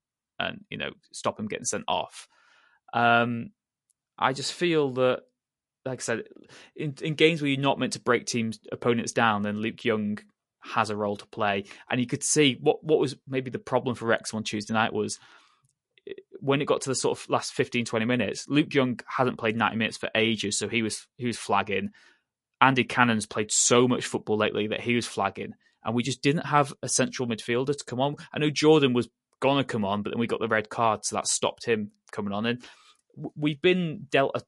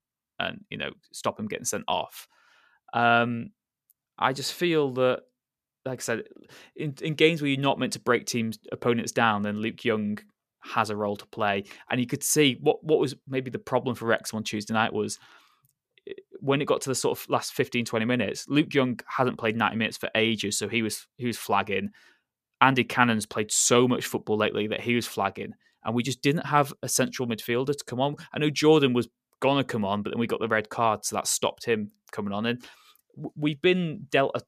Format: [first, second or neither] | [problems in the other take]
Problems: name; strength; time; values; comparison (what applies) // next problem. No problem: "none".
second | garbled, watery; slightly; nothing above 11 kHz